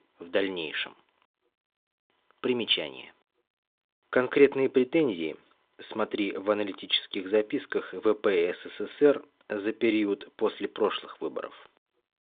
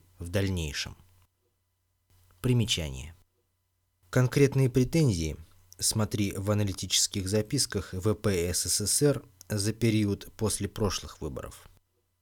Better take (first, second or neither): second